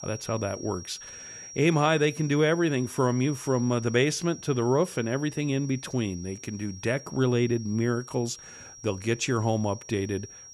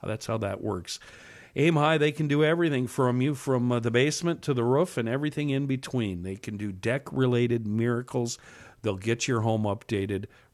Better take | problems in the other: second | high-pitched whine; noticeable; throughout; 5.5 kHz, 15 dB below the speech

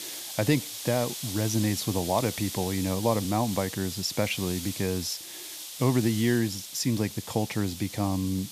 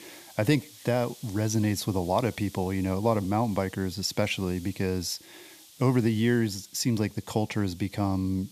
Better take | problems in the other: second | hiss; loud; throughout; 8 dB below the speech; faint in the second

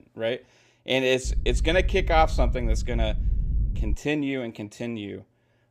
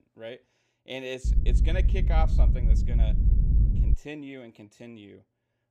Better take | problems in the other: first | low rumble; loud; from 1.5 to 4 s; 5 dB below the speech; faint in the first

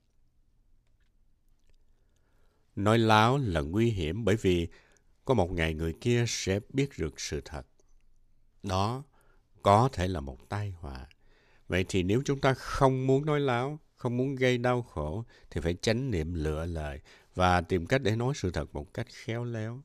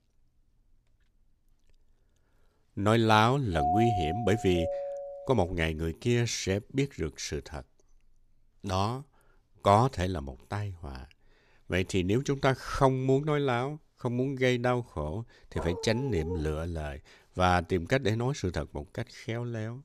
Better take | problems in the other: first | doorbell; loud; from 3.5 to 5.5 s; peak 1 dB above the speech // dog barking; noticeable; at 16 s; peak 9 dB below the speech

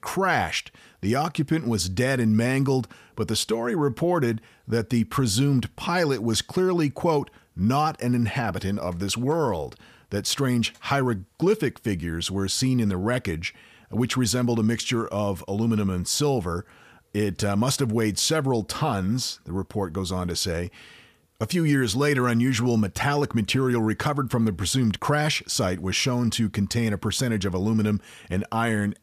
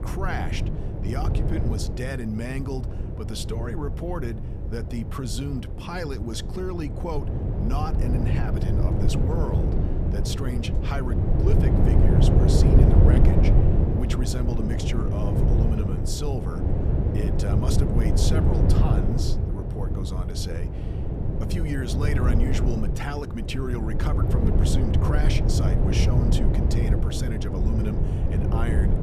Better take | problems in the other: first | wind noise on the microphone; heavy; 1 dB above the speech

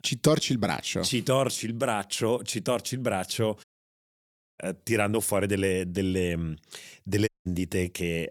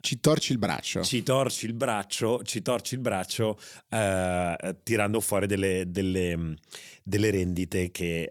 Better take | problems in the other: second | audio cutting out; at 3.5 s for 1 s and at 7.5 s

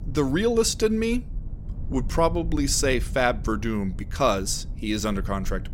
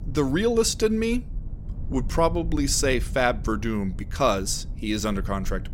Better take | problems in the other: neither | low rumble; faint; throughout; 25 dB below the speech; the same in both

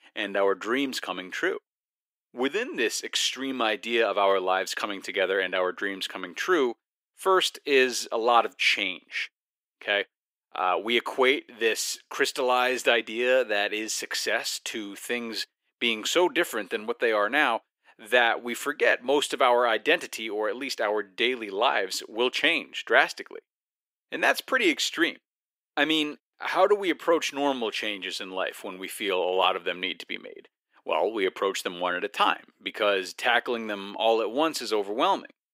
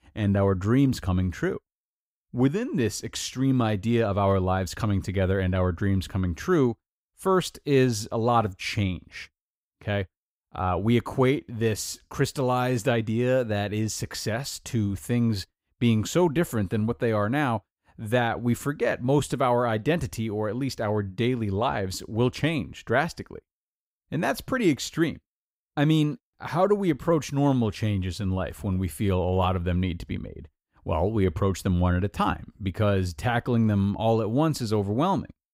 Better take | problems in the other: second | thin; very; fading below 350 Hz

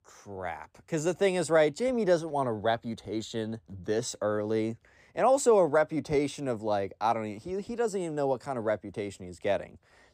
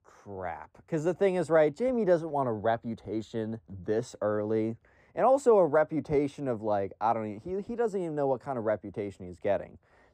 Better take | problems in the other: first | muffled; slightly; fading above 2.5 kHz

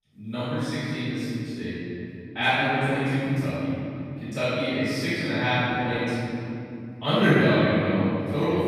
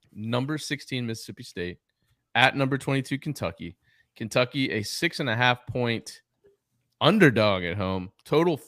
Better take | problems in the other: second | room echo; strong; dies away in 3 s // off-mic speech; far

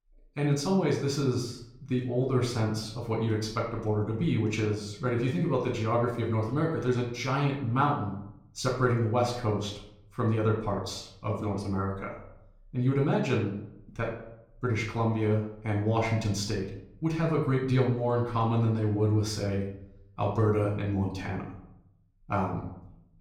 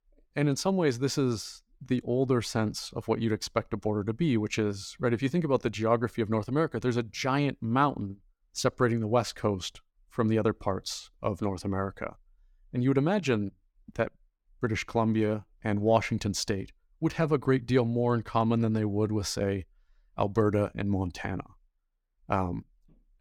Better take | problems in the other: second | off-mic speech; far // room echo; slight; dies away in 0.6 s

